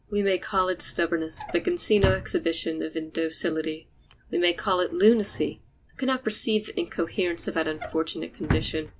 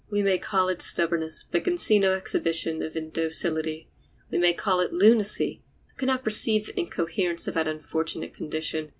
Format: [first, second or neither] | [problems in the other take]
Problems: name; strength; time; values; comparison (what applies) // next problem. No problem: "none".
second | background sound (Drawer open or close); 10 dB below the speech